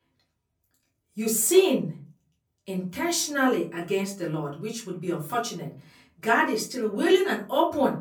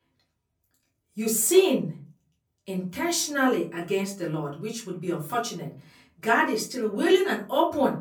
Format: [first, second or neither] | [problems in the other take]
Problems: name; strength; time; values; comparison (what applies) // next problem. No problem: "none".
neither | off-mic speech; far; the same in both // room echo; slight; dies away in 0.4 s; the same in both